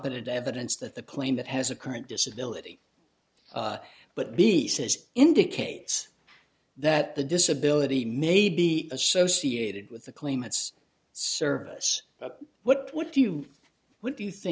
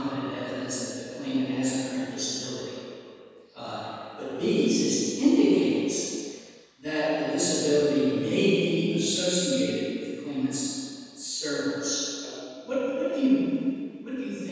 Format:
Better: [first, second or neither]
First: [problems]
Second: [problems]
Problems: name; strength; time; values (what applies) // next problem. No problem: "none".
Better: first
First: none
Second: room echo; dies away in 2.1 s